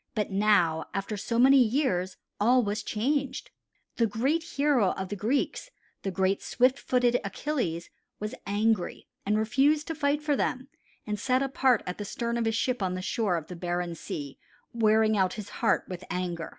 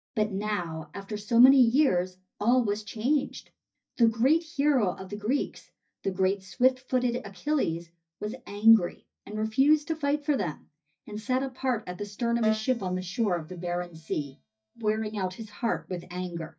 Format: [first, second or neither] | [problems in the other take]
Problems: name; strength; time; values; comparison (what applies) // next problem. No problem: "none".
first | noise reduction (neural mask model DeepFilterNet 3)